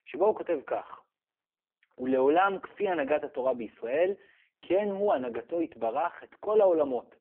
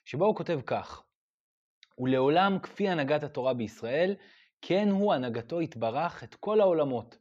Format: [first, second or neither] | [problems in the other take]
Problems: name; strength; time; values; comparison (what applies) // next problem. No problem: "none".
second | phone-call audio; poor line